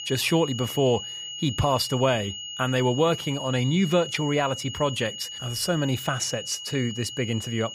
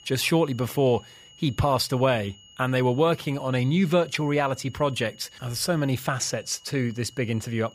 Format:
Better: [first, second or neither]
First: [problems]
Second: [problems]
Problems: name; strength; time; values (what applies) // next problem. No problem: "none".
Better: second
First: high-pitched whine; loud; throughout; 3 kHz, 8 dB below the speech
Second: high-pitched whine; faint; throughout; 3 kHz, 25 dB below the speech